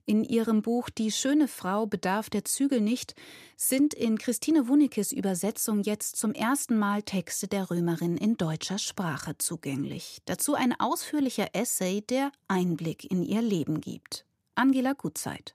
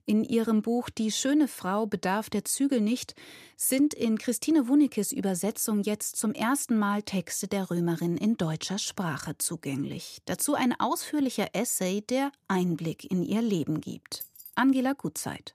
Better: first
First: none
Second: jangling keys; faint; at 14 s; peak 15 dB below the speech

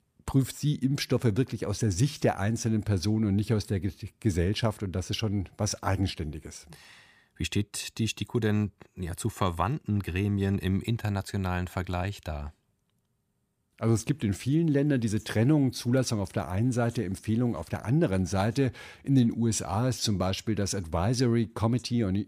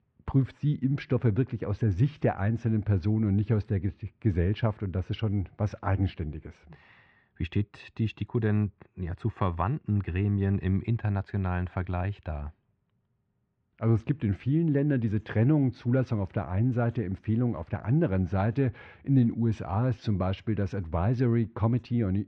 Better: first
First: none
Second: muffled; very; fading above 2.5 kHz

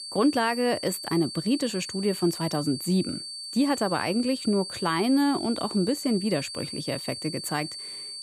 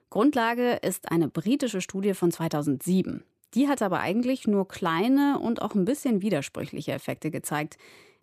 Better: second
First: high-pitched whine; loud; throughout; 4.5 kHz, 8 dB below the speech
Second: none

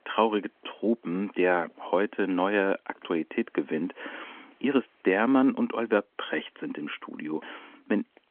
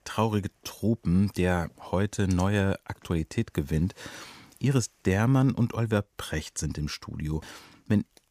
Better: second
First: phone-call audio; nothing above 3.5 kHz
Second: none

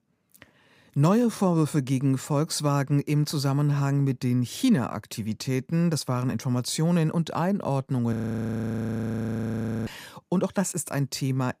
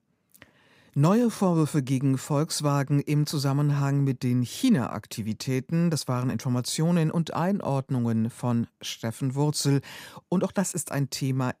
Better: second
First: audio freezing; at 8 s for 1.5 s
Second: none

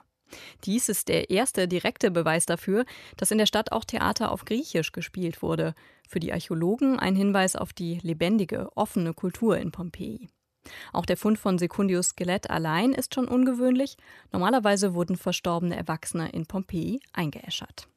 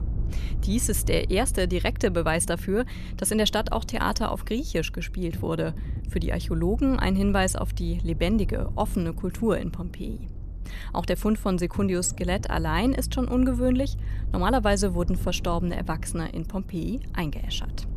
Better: first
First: none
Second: low rumble; faint; throughout; 20 dB below the speech

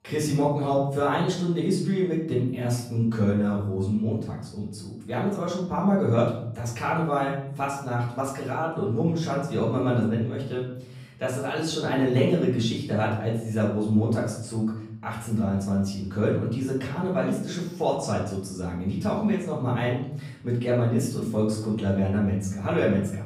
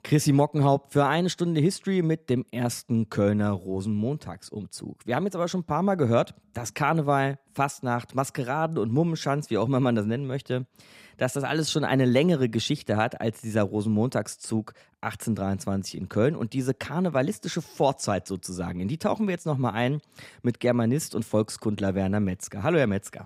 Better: second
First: off-mic speech; far // room echo; noticeable; dies away in 0.7 s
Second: none

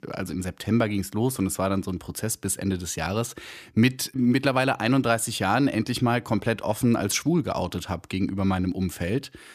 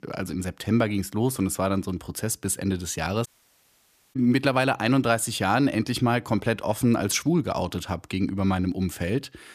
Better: first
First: none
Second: audio cutting out; at 3.5 s for 1 s

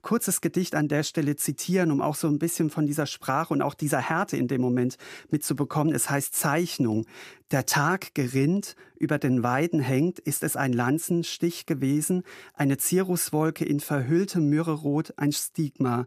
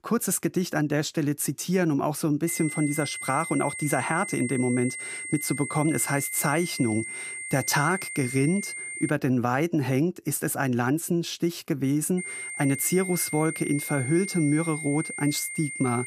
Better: first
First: none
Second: high-pitched whine; loud; from 2.5 to 9 s and from 12 s on; 2 kHz, 7 dB below the speech

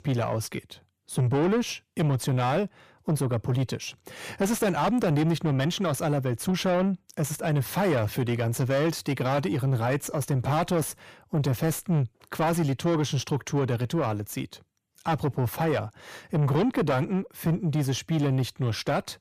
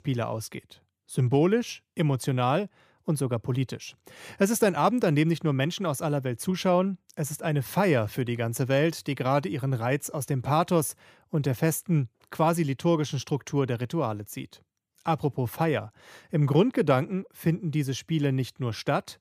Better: second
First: distortion; heavy; 7 dB below the speech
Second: none

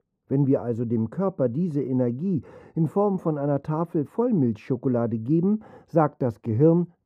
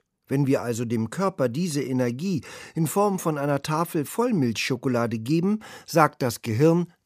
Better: second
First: muffled; very; fading above 1.5 kHz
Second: none

